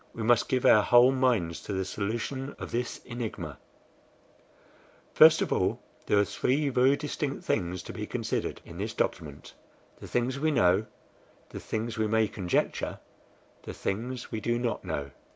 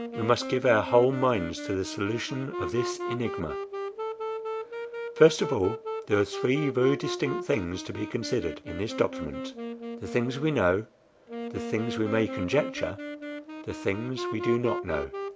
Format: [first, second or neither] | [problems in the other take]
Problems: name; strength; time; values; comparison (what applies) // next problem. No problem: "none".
first | background sound (Wind instrument, woodwind instrument); 7 dB below the speech